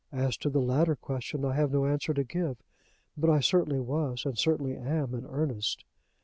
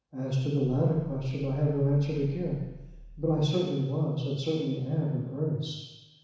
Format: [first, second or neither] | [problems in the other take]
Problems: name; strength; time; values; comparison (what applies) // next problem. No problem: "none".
first | background sound (Growling); 19 dB below the speech // room echo; dies away in 1.1 s